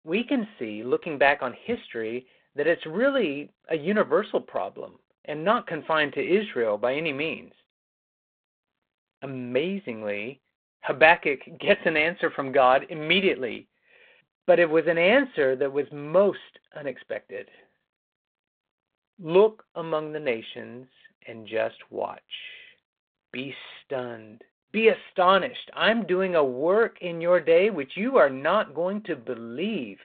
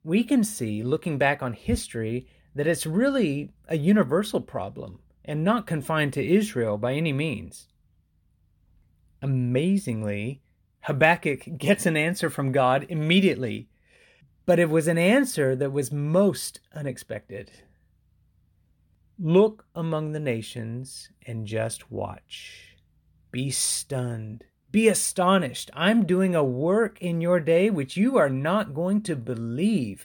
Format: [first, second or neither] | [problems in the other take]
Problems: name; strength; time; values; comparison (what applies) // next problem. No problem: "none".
second | phone-call audio